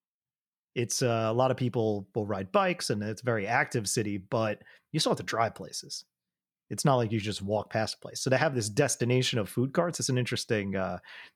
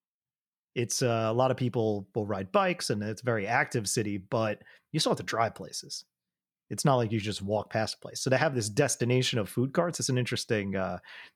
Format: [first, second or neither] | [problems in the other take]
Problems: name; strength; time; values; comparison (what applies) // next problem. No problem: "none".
neither | none